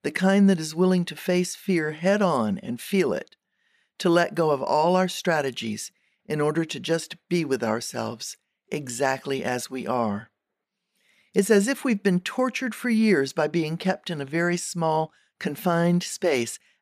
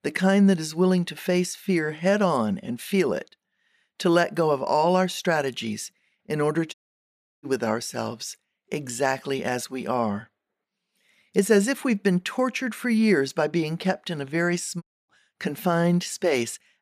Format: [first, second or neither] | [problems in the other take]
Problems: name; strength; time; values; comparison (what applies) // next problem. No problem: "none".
first | audio cutting out; at 6.5 s for 0.5 s and at 15 s